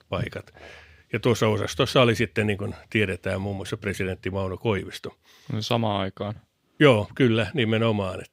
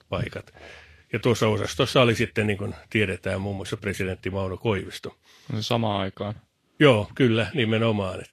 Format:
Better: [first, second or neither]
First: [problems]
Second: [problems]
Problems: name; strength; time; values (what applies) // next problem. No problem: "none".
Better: first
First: none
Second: garbled, watery; slightly; nothing above 13 kHz